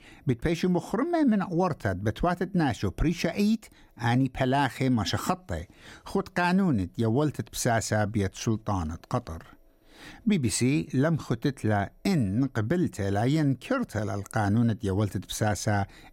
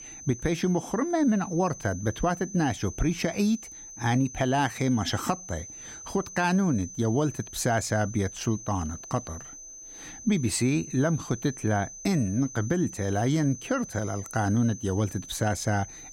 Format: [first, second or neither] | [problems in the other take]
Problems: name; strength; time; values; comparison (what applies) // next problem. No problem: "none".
first | high-pitched whine; noticeable; throughout; 6 kHz, 15 dB below the speech